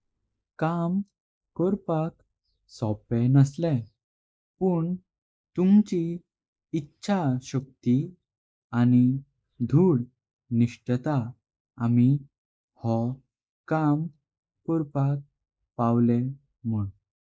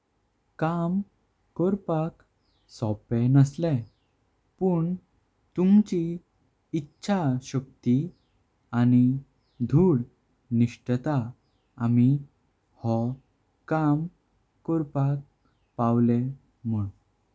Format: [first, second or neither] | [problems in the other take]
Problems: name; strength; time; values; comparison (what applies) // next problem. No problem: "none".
second | noise reduction (neural mask model Resemble Enhance denoiser)